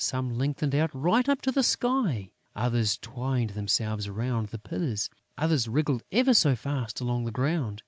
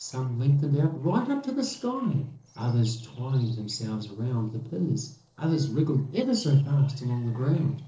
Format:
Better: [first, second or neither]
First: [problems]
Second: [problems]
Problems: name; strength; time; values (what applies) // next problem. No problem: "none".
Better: first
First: none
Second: noise reduction (neural separator model SepFormer DNS4)